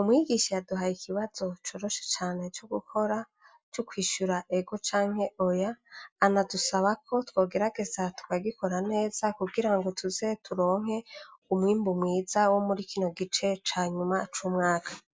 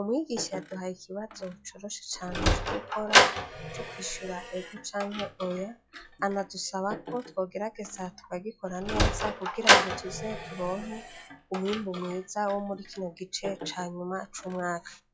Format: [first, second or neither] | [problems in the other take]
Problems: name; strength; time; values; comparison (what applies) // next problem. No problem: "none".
first | noise reduction (classical method log-MMSE)